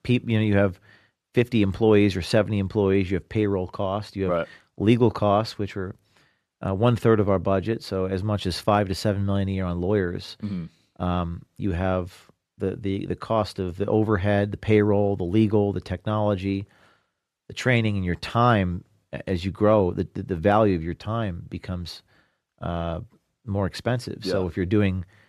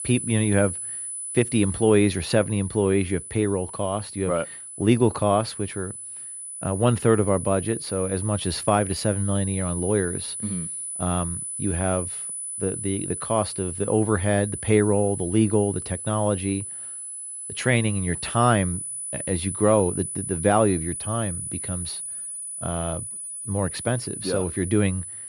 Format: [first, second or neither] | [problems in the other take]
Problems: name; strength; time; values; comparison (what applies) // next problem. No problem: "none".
first | high-pitched whine; loud; throughout; 10 kHz, 7 dB below the speech